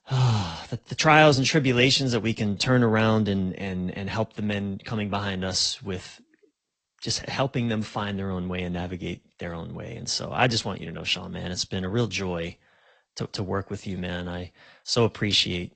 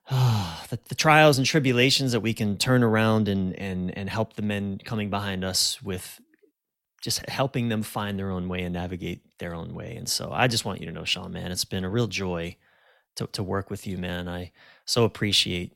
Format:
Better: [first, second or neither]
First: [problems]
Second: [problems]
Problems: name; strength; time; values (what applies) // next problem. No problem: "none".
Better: second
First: garbled, watery; slightly; nothing above 8 kHz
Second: none